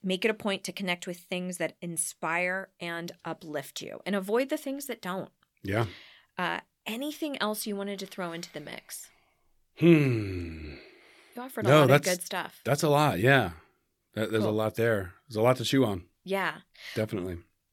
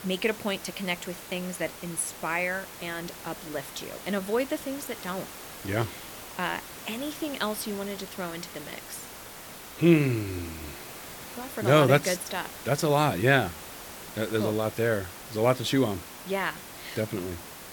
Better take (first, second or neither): first